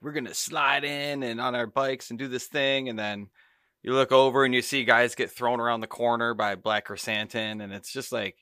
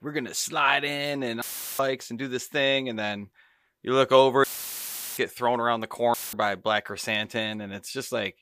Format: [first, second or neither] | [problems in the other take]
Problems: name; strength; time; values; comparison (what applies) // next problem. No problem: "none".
first | audio cutting out; filled with static; at 1.5 s, at 4.5 s for 0.5 s and at 6 s